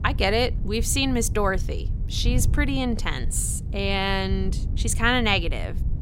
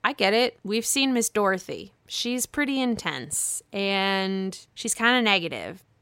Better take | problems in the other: second | wind noise on the microphone; occasional gusts; 20 dB below the speech

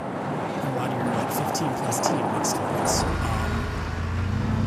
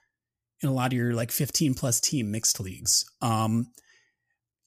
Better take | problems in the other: second | traffic noise; very loud; throughout; 4 dB above the speech

